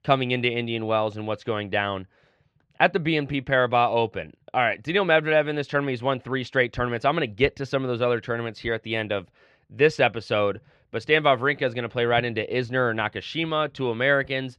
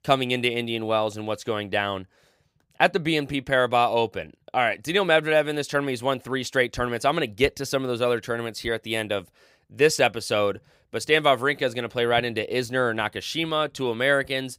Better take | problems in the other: second | muffled; slightly; fading above 2.5 kHz

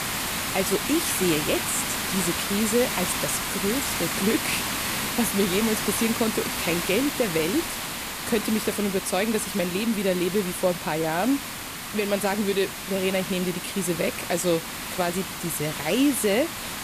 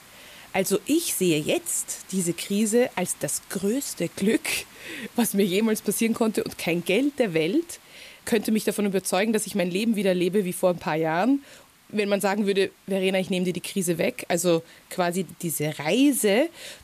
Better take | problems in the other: second | hiss; loud; throughout; 2 dB below the speech; faint in the second

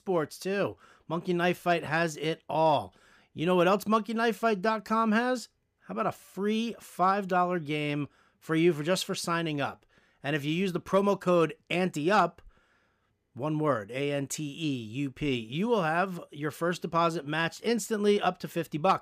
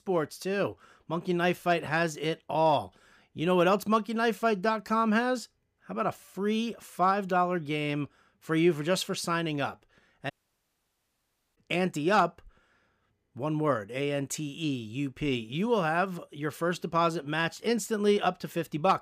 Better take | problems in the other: first | audio cutting out; at 10 s for 1.5 s

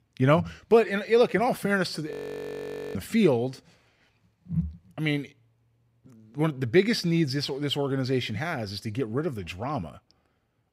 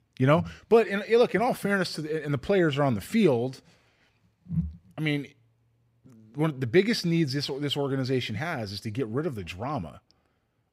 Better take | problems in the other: second | audio freezing; at 2 s for 1 s

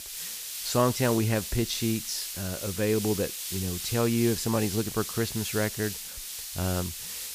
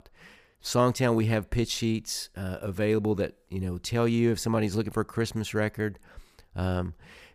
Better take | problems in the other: second | hiss; loud; throughout; 5 dB below the speech

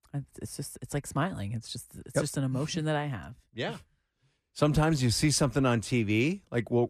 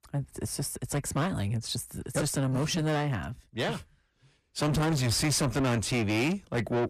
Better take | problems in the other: first | distortion; heavy; 7 dB below the speech

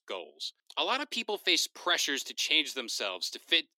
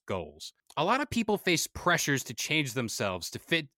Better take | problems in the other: second | thin; somewhat; fading below 250 Hz

